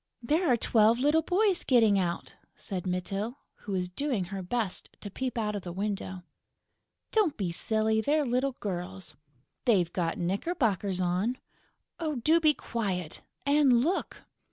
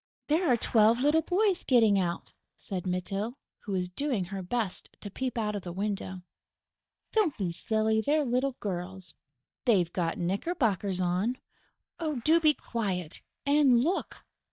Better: first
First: none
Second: noise reduction (neural mask model DeepFilterNet 3)

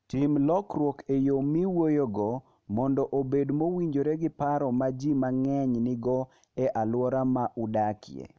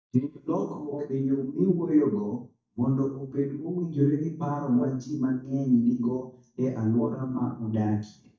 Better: first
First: none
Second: noise reduction (neural mask model DeepFilterNet 3)

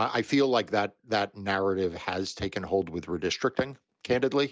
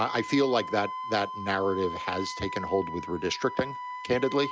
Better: first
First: none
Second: background sound (Wind instrument, woodwind instrument); 8 dB below the speech

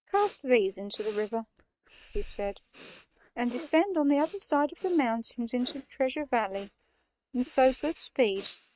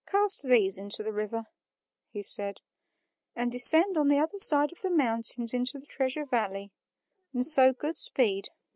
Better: second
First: noise reduction (neural mask model RNNoise)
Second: none

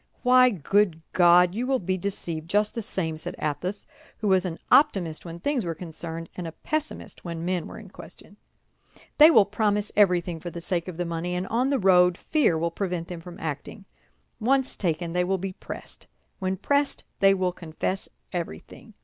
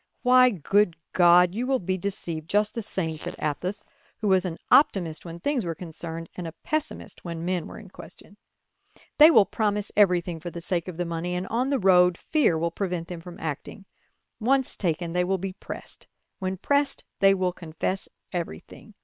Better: first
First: none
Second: noise reduction (neural separator model SepFormer WHAM!)

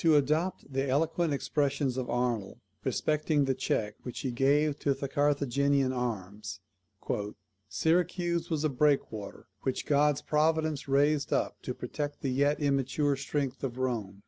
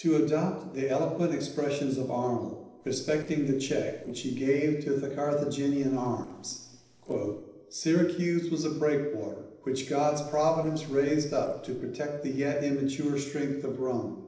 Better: first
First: none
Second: noise reduction (neural separator model SepFormer DNS4)

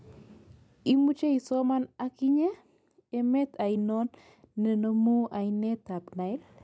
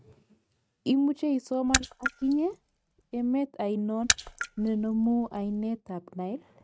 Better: first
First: none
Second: noise reduction (neural mask model RNNoise)

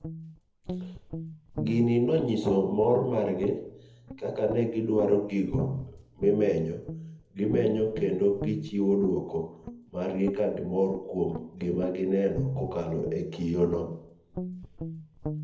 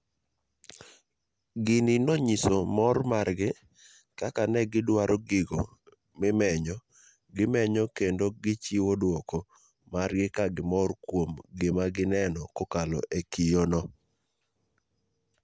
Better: second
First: background sound (Guitar); 10 dB below the speech // room echo; dies away in 0.7 s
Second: none

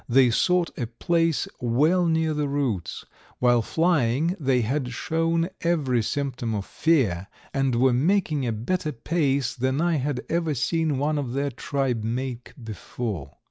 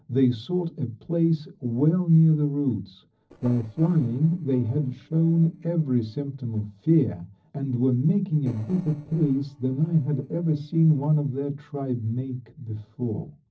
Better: first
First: none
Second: noise reduction (neural separator model SepFormer DNS4)

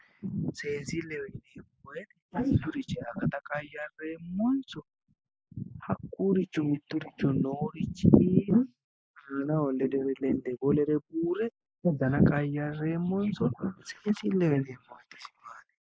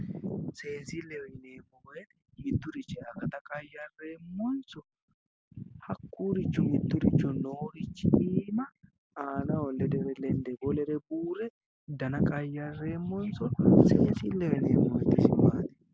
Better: second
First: noise reduction (neural mask model Resemble Enhance denoiser)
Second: none

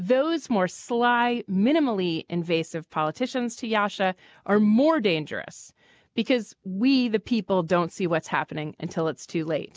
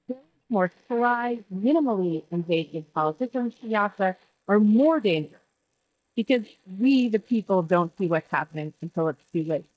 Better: first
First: none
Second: noise reduction (neural mask model DeepFilterNet 3)

